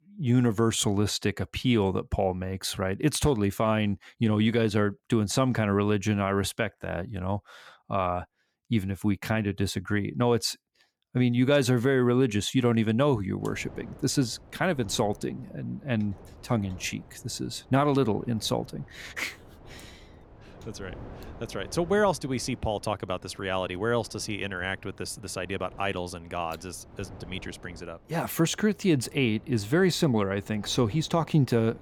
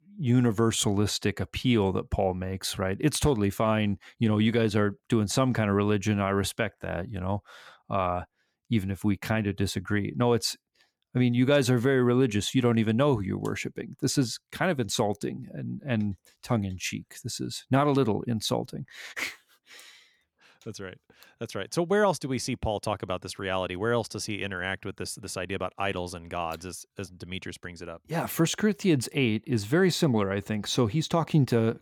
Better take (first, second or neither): second